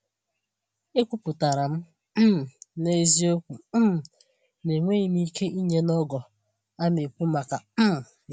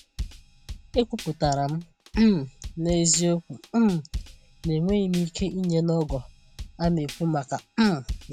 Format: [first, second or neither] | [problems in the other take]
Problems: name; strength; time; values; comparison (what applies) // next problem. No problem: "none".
first | background sound (Drum kit); 13 dB below the speech